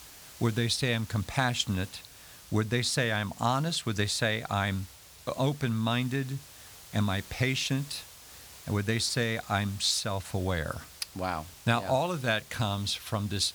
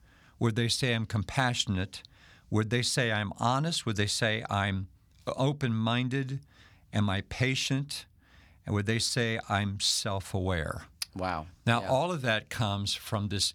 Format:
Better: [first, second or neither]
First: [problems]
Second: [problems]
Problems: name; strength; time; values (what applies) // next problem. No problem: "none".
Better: second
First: hiss; noticeable; throughout; 20 dB below the speech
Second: none